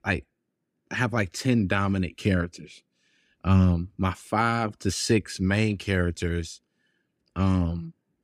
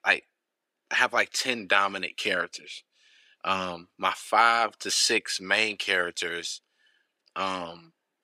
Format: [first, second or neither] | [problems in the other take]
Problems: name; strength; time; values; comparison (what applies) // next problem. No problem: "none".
first | thin; very; fading below 700 Hz